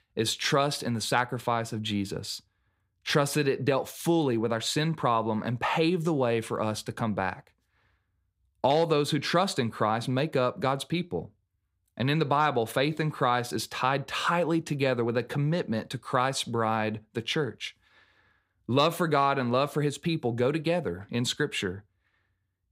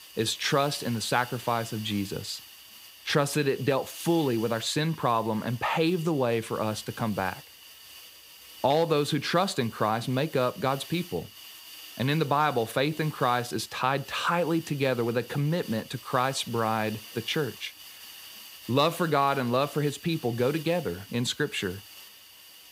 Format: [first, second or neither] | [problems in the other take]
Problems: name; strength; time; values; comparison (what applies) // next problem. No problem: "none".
first | hiss; noticeable; throughout; 15 dB below the speech